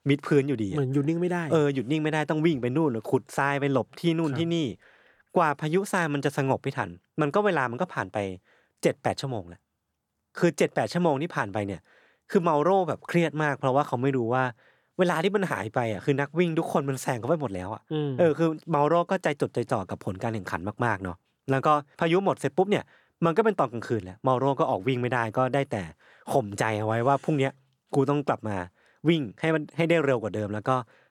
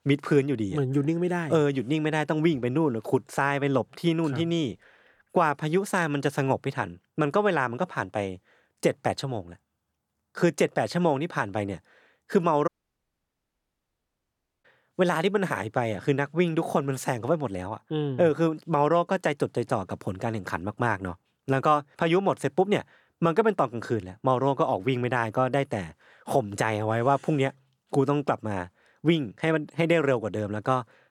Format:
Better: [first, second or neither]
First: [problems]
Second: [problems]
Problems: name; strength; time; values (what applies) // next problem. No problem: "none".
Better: first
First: none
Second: audio cutting out; at 13 s for 2 s